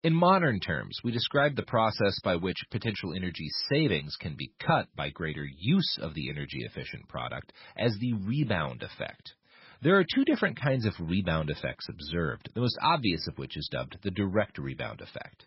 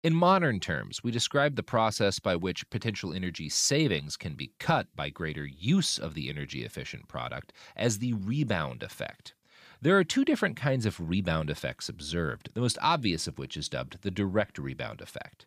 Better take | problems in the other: second | garbled, watery; badly; nothing above 5.5 kHz

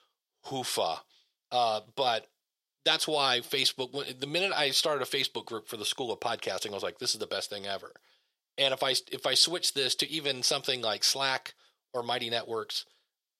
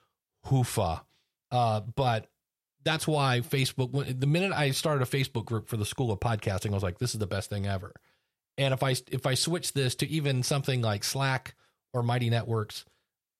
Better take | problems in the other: second | thin; very; fading below 450 Hz

